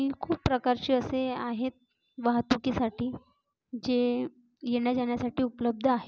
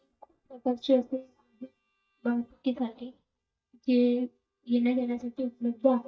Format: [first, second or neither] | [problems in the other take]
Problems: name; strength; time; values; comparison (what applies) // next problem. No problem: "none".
first | noise reduction (neural mask model DeepFilterNet 3)